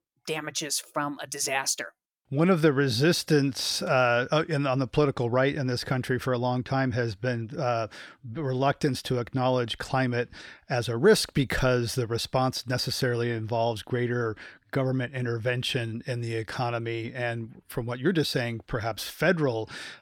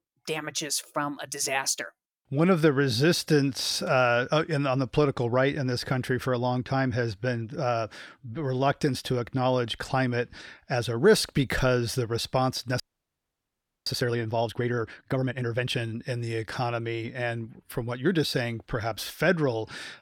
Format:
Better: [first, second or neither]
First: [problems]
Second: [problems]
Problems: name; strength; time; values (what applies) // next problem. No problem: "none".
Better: first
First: none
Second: audio freezing; at 13 s for 1 s